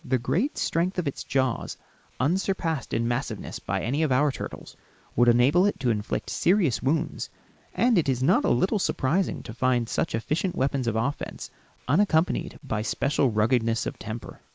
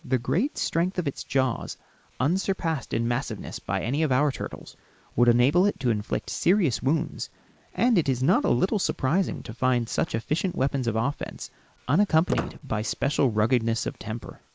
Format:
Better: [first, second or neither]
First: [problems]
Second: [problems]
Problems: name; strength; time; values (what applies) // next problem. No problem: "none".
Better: first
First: none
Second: background sound (Squeak); 15 dB below the speech